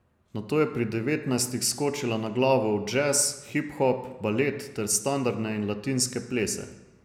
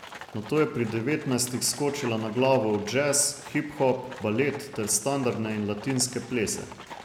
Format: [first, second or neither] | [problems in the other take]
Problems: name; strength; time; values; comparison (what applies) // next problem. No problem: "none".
first | background sound (Livestock, farm animals, working animals); 17 dB below the speech